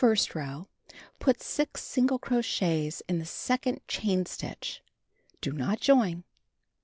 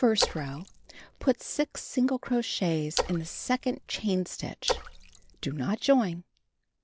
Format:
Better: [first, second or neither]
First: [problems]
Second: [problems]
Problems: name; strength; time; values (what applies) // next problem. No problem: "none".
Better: first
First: none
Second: background sound (Splash, splatter); 7 dB below the speech